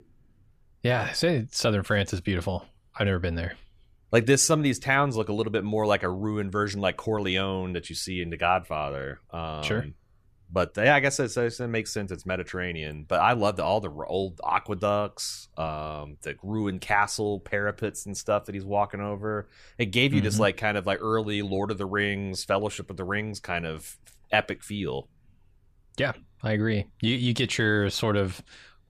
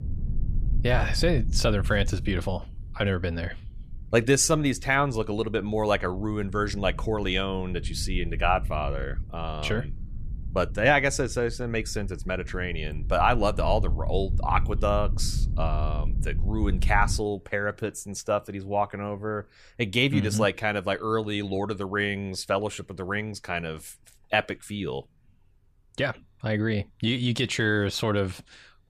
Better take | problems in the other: first | low rumble; faint; until 17 s; 20 dB below the speech

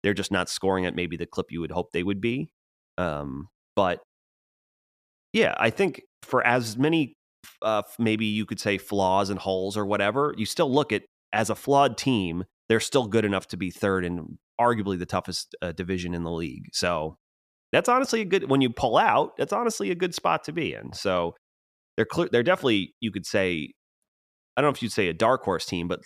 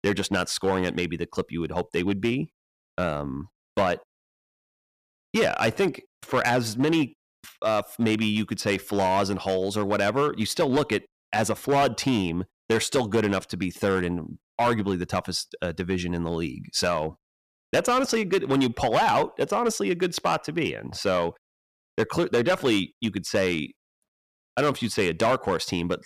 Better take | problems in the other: first | distortion; slight; 5% of the sound clipped

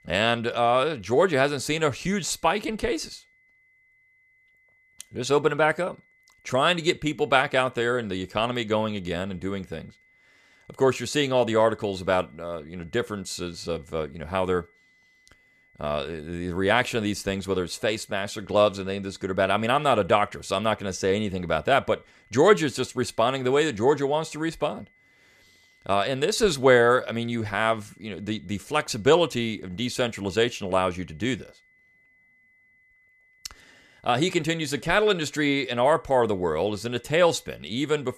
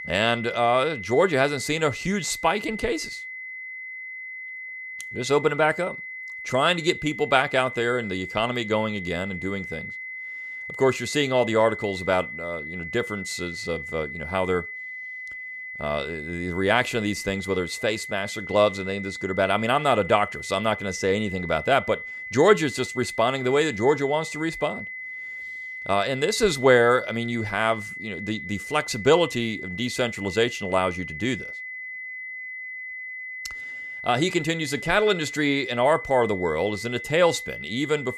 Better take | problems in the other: first | high-pitched whine; loud; throughout; 2 kHz, 10 dB below the speech; faint in the first

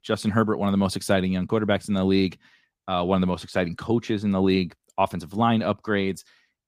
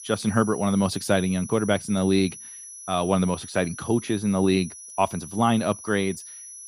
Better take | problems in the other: first | high-pitched whine; noticeable; throughout; 11 kHz, 15 dB below the speech

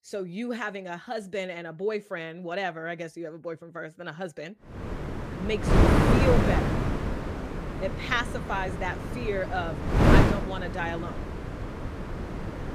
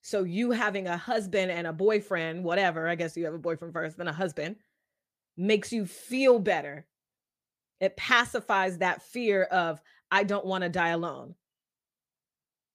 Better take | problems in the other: second | wind noise on the microphone; heavy; from 5 s on; 1 dB above the speech

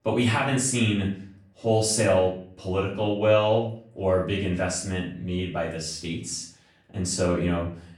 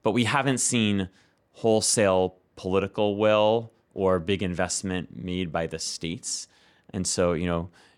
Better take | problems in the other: second | room echo; noticeable; dies away in 0.4 s // off-mic speech; far

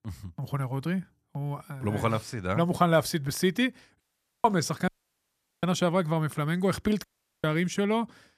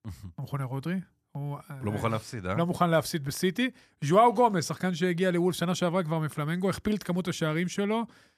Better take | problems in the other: second | audio cutting out; at 4 s, at 5 s for 1 s and at 7 s

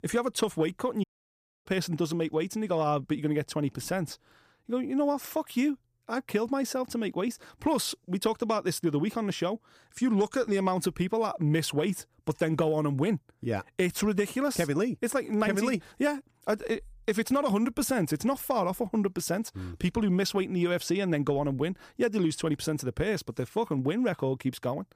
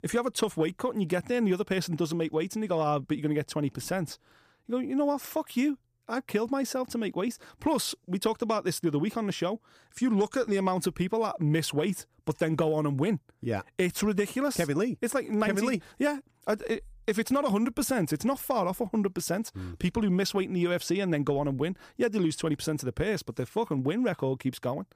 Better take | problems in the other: second | audio cutting out; at 1 s for 0.5 s

